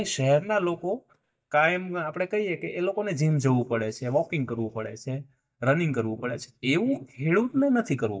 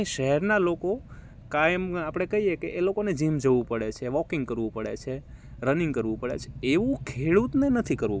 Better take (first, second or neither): second